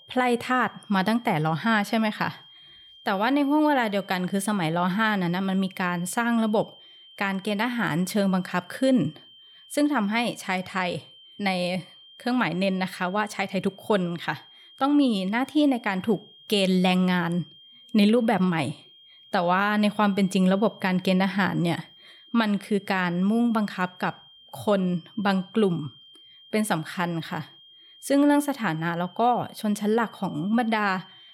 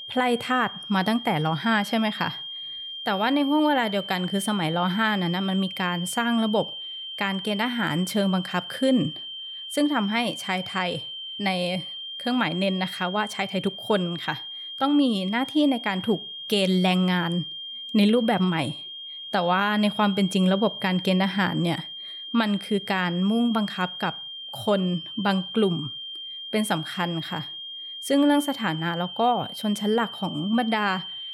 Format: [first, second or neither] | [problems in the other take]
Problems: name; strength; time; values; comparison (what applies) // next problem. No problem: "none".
first | high-pitched whine; loud; throughout; 3 kHz, 9 dB below the speech; faint in the first